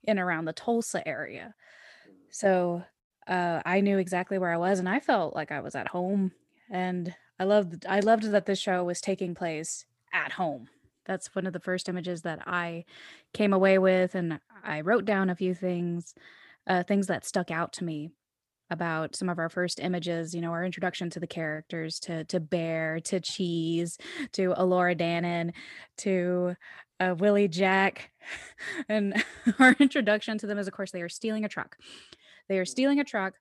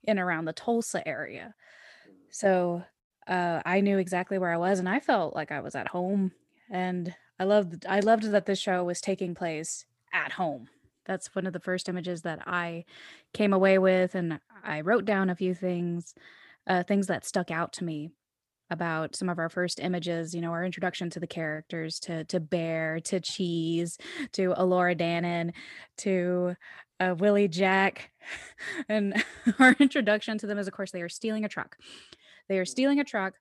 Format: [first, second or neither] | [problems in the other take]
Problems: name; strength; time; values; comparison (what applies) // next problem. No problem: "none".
neither | none